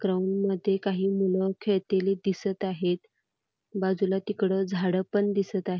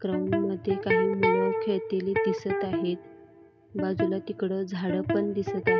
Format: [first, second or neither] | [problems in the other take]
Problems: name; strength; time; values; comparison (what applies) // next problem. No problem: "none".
first | background sound (Electric guitar); 1 dB above the speech